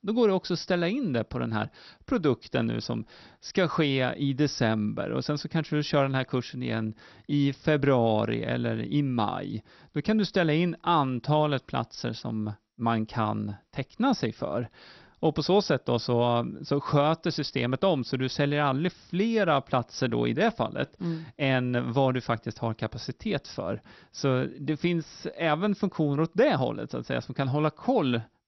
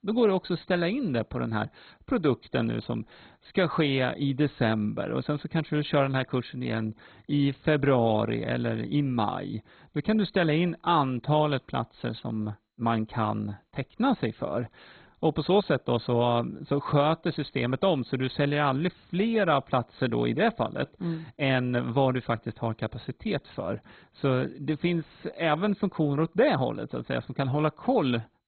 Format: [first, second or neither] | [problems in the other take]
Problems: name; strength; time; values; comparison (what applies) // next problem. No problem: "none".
first | garbled, watery; badly; nothing above 4 kHz; slightly in the first